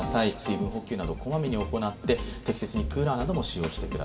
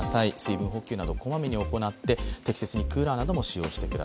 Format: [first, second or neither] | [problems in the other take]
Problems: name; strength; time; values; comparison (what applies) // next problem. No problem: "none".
second | room echo; dies away in 2.3 s